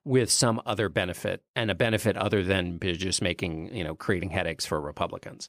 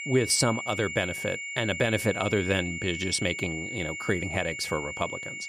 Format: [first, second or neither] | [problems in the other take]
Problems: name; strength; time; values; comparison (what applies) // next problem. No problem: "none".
first | high-pitched whine; loud; throughout; 2 kHz, 6 dB below the speech